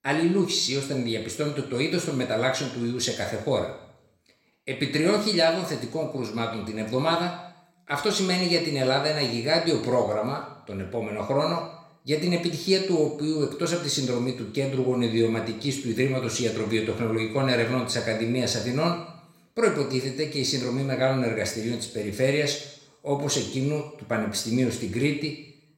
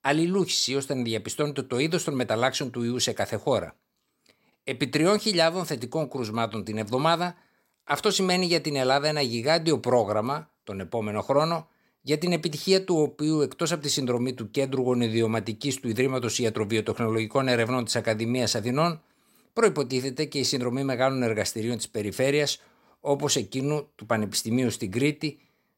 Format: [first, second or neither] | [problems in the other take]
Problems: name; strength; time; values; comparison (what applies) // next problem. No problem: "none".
second | room echo; slight; dies away in 0.7 s